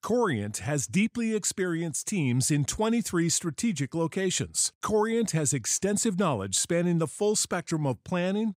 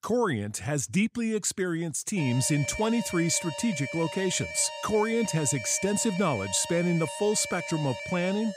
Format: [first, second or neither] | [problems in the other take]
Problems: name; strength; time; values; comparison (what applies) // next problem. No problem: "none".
first | alarm; noticeable; from 2 s on; peak 8 dB below the speech